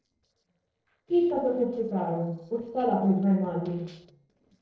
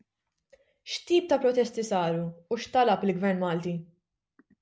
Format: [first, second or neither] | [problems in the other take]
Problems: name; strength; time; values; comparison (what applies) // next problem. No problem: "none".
second | noise reduction (neural separator model SepFormer DNS4)